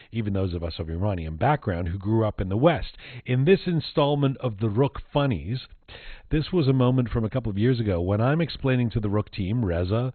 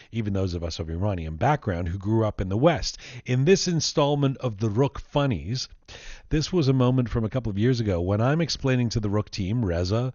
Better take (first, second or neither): second